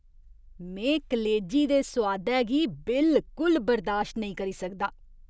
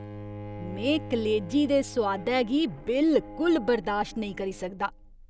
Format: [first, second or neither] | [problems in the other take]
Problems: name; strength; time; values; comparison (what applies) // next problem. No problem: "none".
first | background sound (Bowed string instrument); 15 dB below the speech